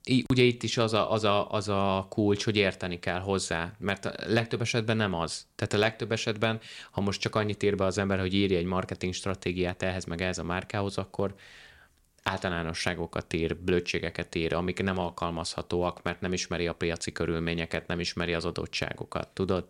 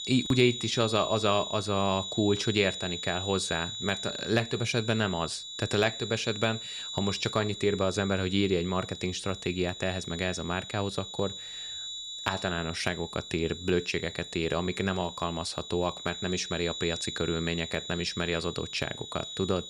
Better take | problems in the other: first | high-pitched whine; loud; throughout; 4 kHz, 7 dB below the speech

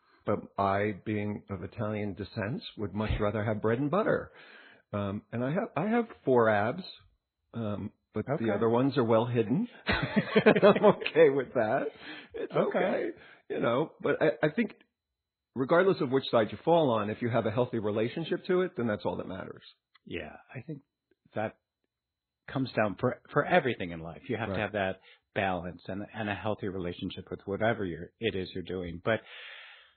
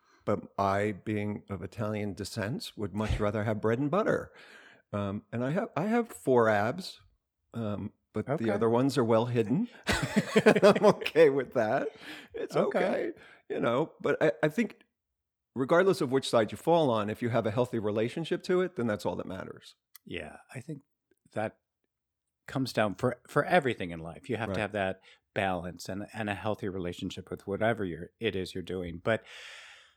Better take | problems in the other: second | garbled, watery; badly; nothing above 4 kHz

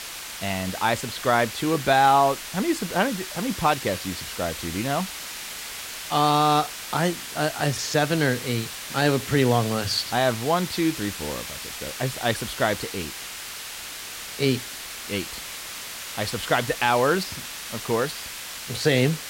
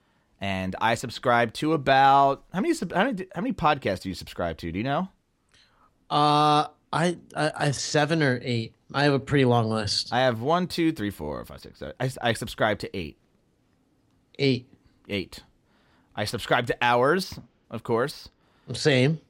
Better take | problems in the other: second | hiss; loud; throughout; 9 dB below the speech

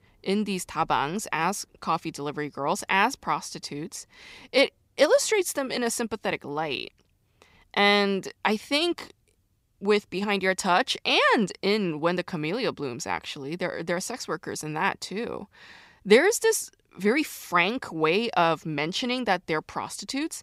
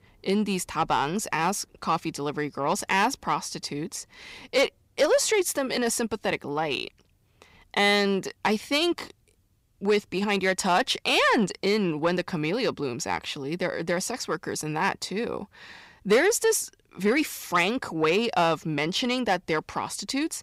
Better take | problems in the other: first | distortion; slight; 10 dB below the speech

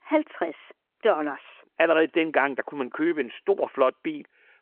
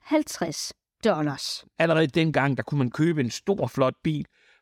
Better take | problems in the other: second | phone-call audio

